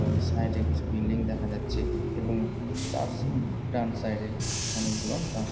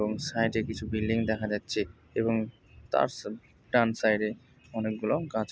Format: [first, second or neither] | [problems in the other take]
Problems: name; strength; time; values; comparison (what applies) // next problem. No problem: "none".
second | background sound (Bus / Engine); 3 dB above the speech // room echo; dies away in 0.9 s